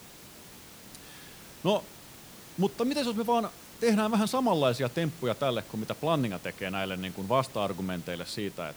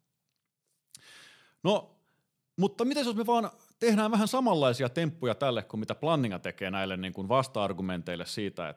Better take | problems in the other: second | hiss; noticeable; throughout; 15 dB below the speech

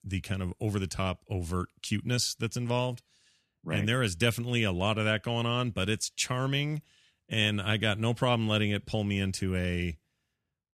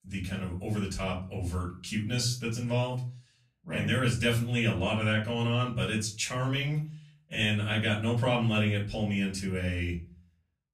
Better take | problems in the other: first | off-mic speech; far // room echo; slight; dies away in 0.3 s

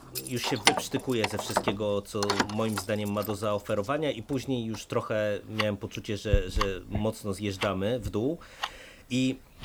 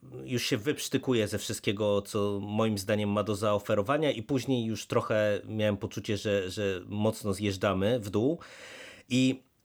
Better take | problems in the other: second | household noises; loud; throughout; 1 dB below the speech

